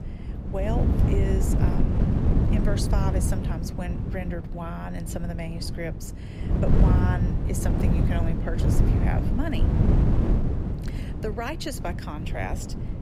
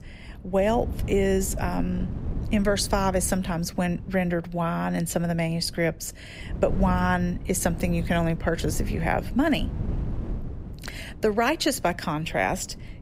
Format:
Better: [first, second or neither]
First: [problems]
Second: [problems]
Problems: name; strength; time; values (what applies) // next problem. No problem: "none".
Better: second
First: wind noise on the microphone; heavy; as loud as the speech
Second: wind noise on the microphone; occasional gusts; 20 dB below the speech